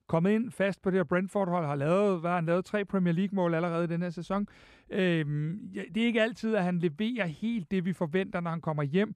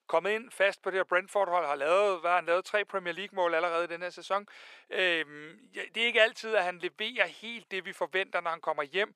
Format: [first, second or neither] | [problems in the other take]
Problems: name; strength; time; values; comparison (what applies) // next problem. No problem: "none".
first | thin; very; fading below 500 Hz